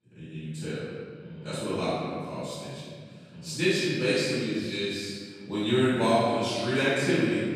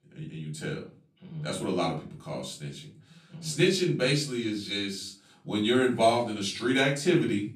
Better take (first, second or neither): second